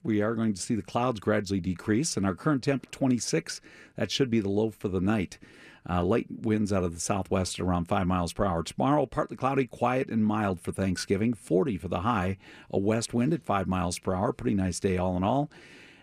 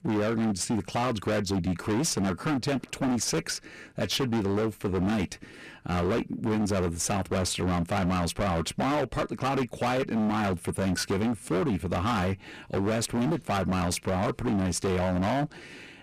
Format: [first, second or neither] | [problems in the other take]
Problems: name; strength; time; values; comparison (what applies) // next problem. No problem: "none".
first | distortion; heavy; 29% of the sound clipped